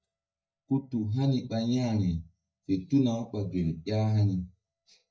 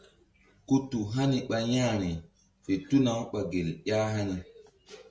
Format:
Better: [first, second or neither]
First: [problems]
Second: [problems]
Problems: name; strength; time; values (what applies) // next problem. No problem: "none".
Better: second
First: noise reduction (neural mask model DeepFilterNet 3)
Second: none